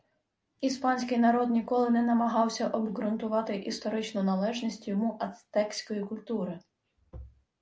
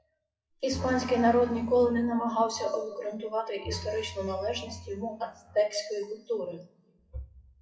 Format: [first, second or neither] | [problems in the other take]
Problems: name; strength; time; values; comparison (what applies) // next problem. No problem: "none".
first | noise reduction (classical method WPE with log-MMSE)